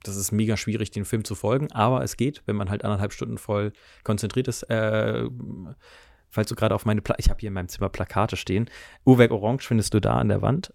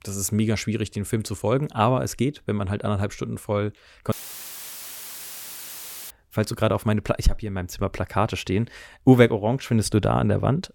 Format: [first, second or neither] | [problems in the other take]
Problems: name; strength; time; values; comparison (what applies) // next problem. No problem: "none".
first | audio cutting out; filled with static; at 4 s for 2 s